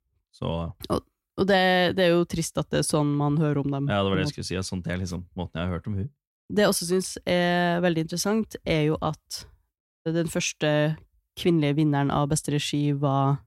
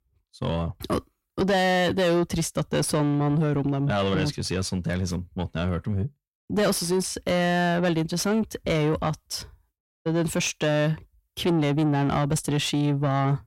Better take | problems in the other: first | distortion; slight; 10 dB below the speech

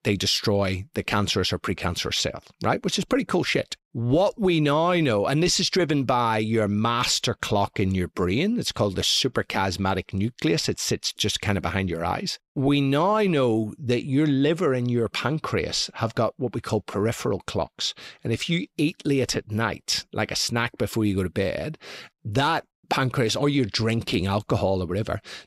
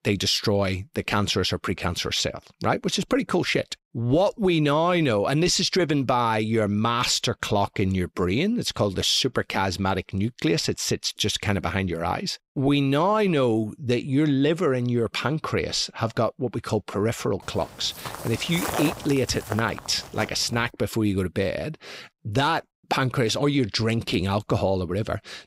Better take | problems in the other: first | footsteps; noticeable; from 18 to 21 s; peak 3 dB below the speech

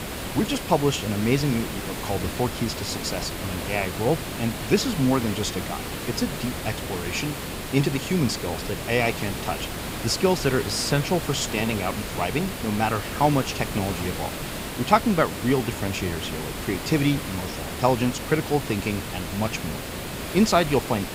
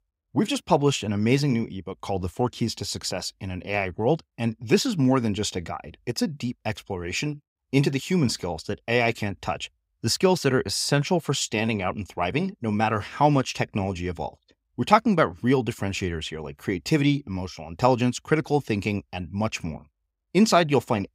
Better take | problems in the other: second | hiss; loud; throughout; 6 dB below the speech

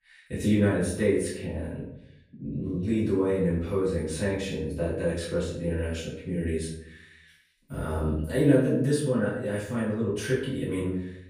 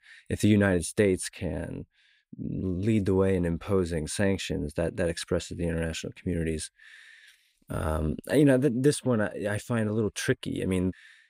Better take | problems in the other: second | room echo; noticeable; dies away in 0.6 s // off-mic speech; far

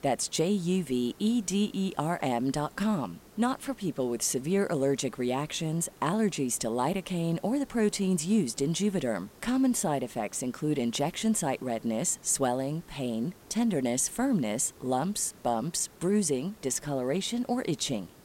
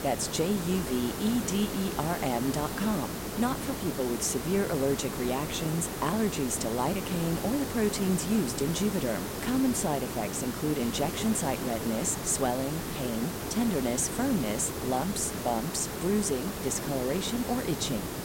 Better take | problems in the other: first | hiss; loud; throughout; 5 dB below the speech; faint in the first

